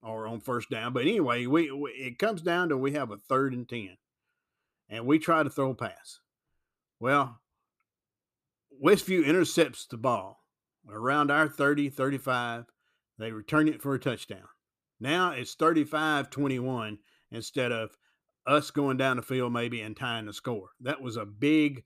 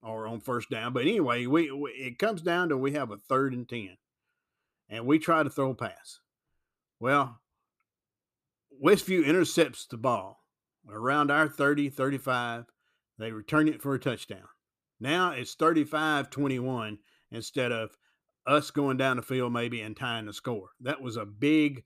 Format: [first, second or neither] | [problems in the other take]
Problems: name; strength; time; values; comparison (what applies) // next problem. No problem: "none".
neither | none